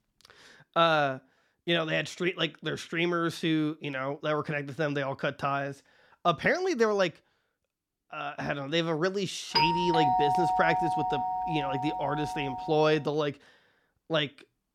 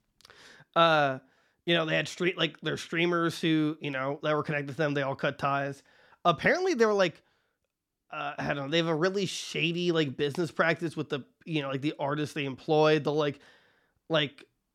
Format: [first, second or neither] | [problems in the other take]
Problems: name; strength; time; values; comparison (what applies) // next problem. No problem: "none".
second | doorbell; loud; from 9.5 to 13 s; peak 4 dB above the speech